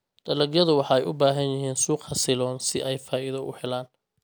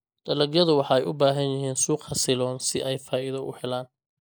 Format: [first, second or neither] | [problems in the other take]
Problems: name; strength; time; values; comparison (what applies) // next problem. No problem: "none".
first | noise reduction (neural mask model Resemble Enhance denoiser)